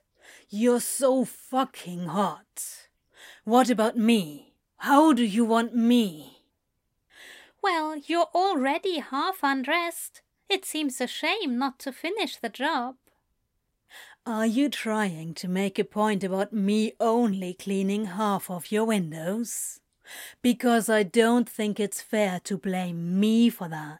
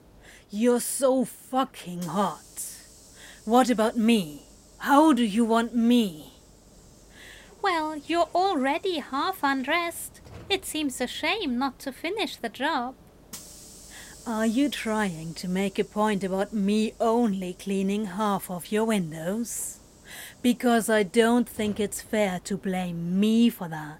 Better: first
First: none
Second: hiss; faint; throughout; 25 dB below the speech

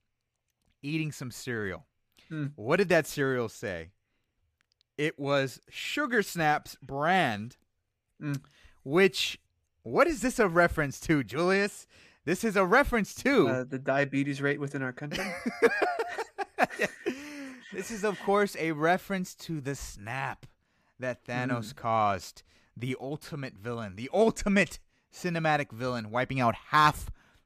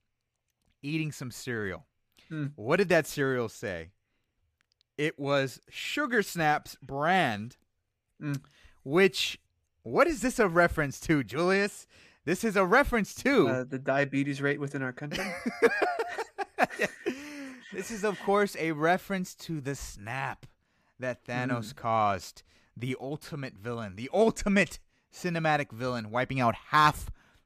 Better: neither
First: none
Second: none

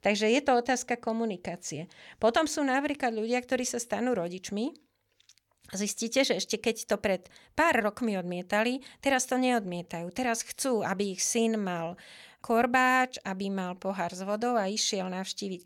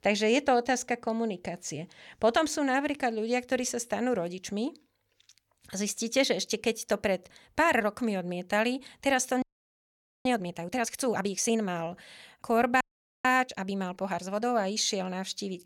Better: first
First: none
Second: audio freezing; at 9.5 s for 1 s and at 13 s

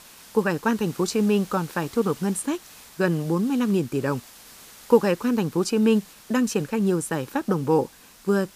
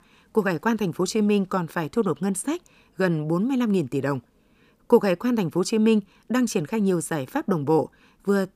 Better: second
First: hiss; faint; throughout; 20 dB below the speech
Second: none

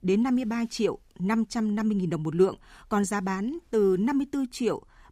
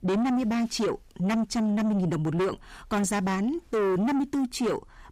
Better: first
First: none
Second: distortion; heavy; 7 dB below the speech

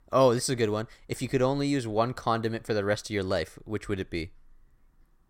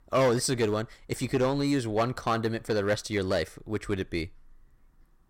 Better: first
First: none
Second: distortion; slight; 5% of the sound clipped

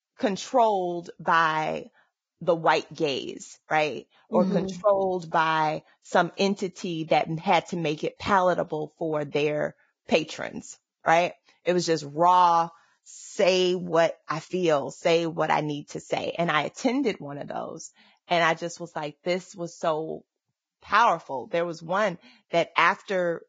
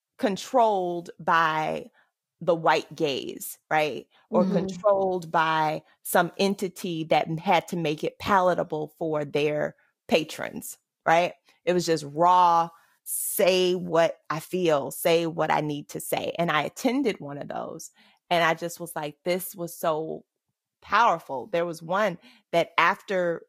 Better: second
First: garbled, watery; badly; nothing above 7.5 kHz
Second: garbled, watery; slightly; nothing above 14.5 kHz

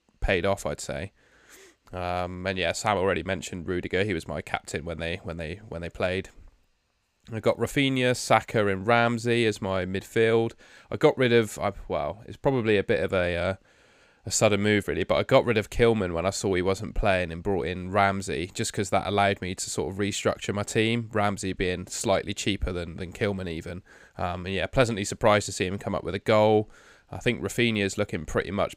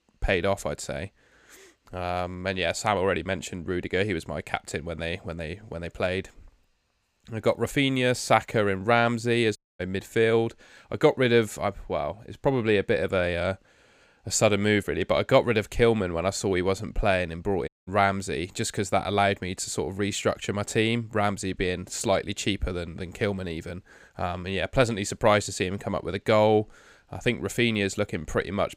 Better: first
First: none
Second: audio cutting out; at 9.5 s and at 18 s

